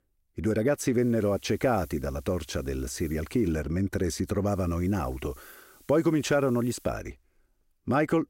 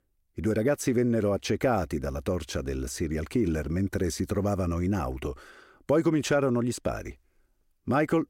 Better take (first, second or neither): second